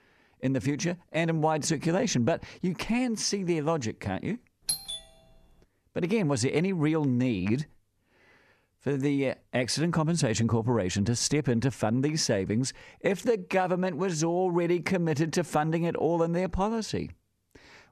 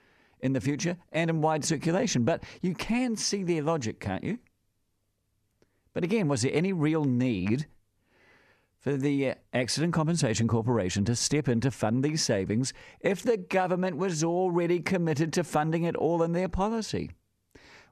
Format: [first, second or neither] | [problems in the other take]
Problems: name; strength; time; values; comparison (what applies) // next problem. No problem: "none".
second | doorbell; noticeable; at 4.5 s; peak 3 dB below the speech